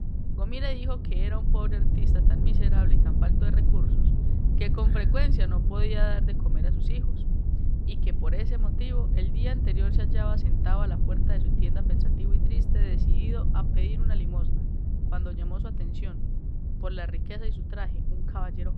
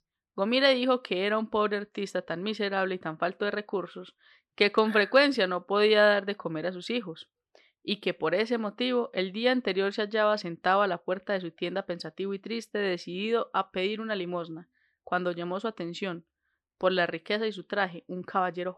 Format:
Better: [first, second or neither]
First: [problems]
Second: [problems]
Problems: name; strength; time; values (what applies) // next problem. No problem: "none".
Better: second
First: low rumble; loud; throughout; 2 dB below the speech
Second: none